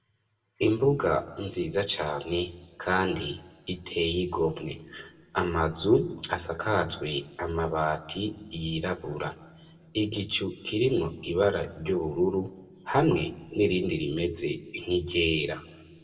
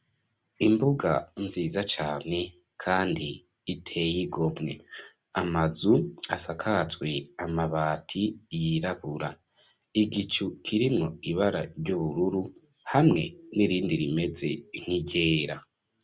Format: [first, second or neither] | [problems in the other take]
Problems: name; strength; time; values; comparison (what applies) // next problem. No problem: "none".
second | room echo; dies away in 1.3 s